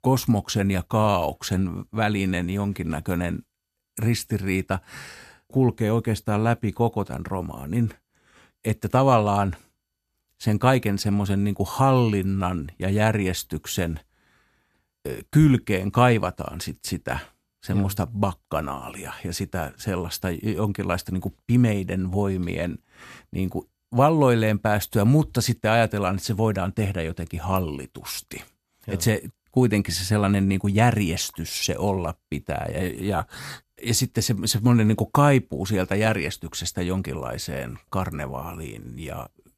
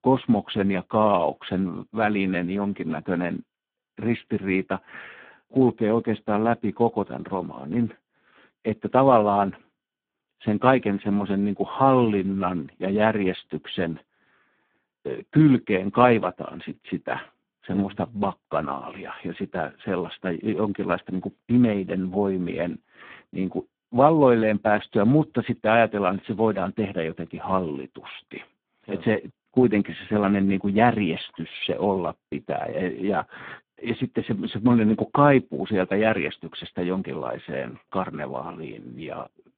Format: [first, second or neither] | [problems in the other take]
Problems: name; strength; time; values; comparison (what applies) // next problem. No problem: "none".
first | phone-call audio; poor line